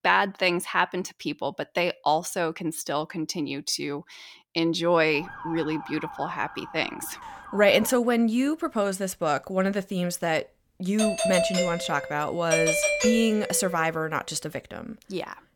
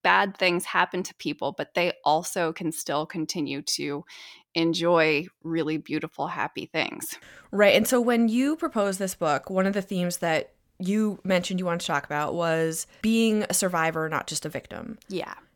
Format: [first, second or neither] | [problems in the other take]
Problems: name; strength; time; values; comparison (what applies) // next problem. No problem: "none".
second | siren; faint; from 5 to 8 s; peak 10 dB below the speech // doorbell; loud; from 11 to 14 s; peak 4 dB above the speech